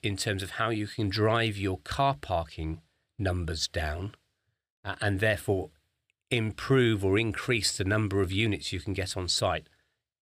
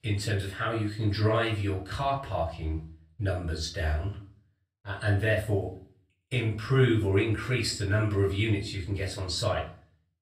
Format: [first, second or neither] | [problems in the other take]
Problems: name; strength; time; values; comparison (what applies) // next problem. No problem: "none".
first | off-mic speech; far // room echo; slight; dies away in 0.4 s